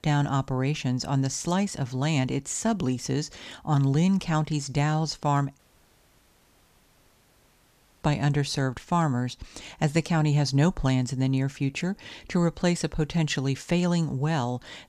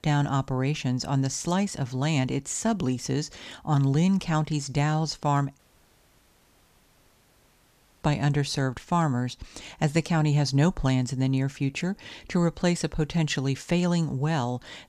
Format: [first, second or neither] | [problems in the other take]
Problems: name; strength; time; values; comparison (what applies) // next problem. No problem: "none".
neither | audio cutting out; at 5.5 s for 2.5 s; the same in both